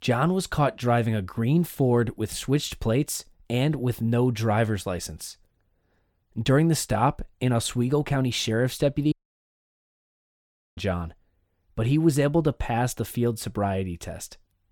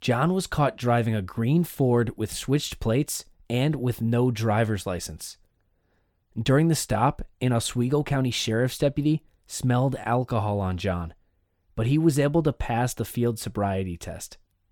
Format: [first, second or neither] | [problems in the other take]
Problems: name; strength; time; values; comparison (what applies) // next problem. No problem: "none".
second | audio cutting out; at 9 s for 1.5 s